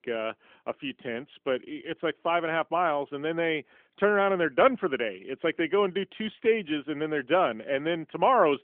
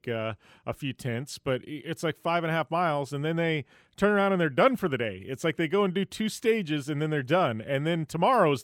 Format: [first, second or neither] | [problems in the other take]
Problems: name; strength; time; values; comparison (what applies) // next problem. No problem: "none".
second | phone-call audio; nothing above 3.5 kHz